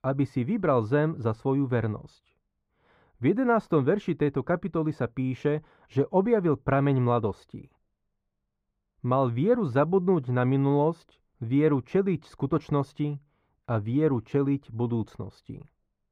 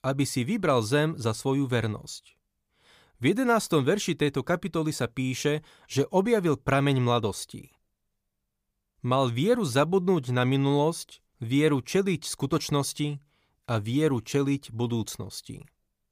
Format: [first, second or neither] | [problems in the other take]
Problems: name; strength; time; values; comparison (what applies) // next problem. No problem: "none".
second | muffled; very; fading above 3 kHz